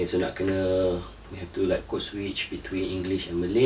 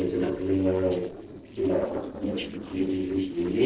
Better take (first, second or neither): first